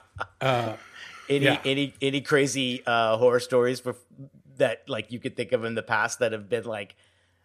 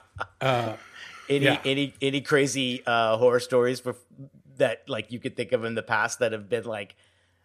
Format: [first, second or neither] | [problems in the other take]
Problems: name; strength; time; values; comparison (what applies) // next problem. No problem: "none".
neither | none